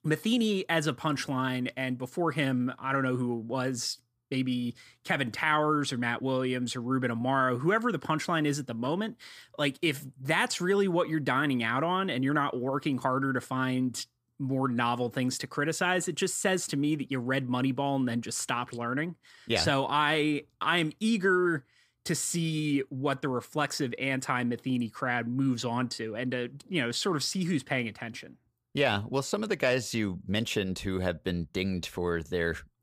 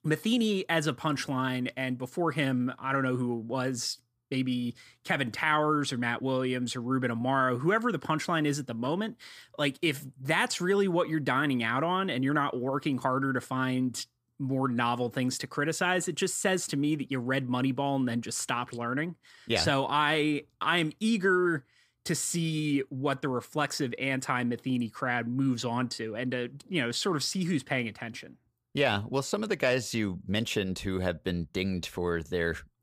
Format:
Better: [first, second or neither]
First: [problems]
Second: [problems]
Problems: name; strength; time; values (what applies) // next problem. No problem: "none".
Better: neither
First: none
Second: none